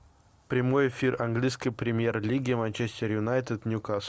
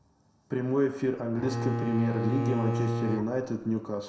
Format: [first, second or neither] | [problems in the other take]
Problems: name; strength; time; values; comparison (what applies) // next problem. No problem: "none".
first | background sound (Bowed string instrument); 2 dB below the speech // room echo; dies away in 0.5 s